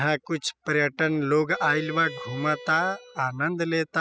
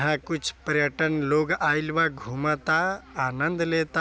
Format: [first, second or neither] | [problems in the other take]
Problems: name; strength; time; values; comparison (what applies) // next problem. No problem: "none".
second | noise reduction (classical method spectral subtraction)